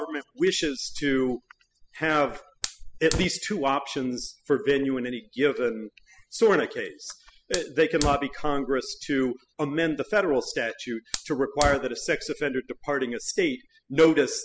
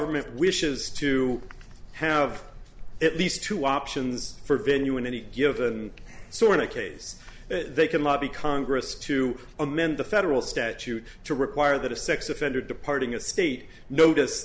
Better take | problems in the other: second | noise reduction (classical method spectral subtraction)

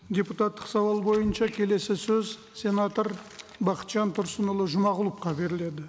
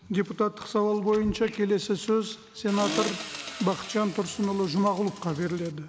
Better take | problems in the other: first | background sound (Accelerating, revving, vroom); 10 dB below the speech

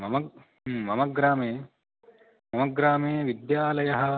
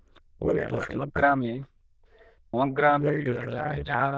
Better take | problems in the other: first | noise reduction (neural diffusion model UNIVERSE++)

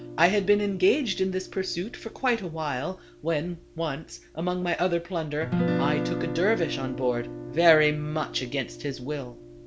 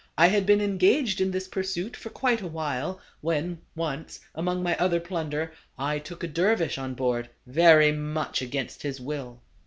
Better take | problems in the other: second | background sound (Guitar); 8 dB below the speech

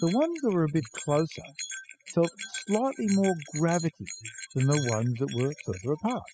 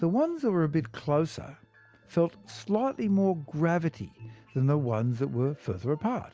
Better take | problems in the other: second | noise reduction (classical method spectral subtraction)

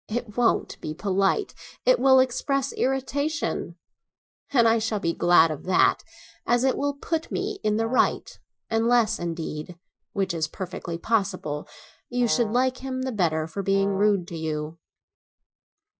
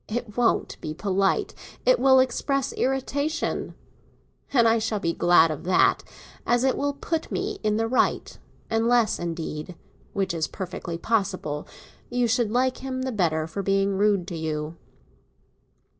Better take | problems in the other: second | noise reduction (classical method Wiener filter)

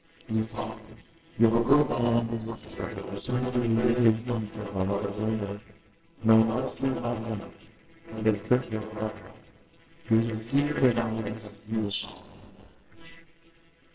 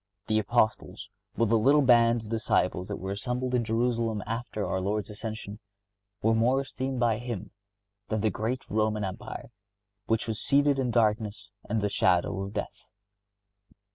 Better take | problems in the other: second | noise reduction (neural separator model SepFormer WHAMR!)

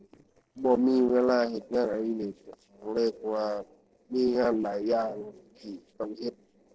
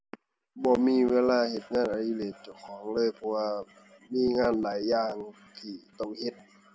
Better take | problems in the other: second | noise reduction (neural separator model SepFormer DNS4)

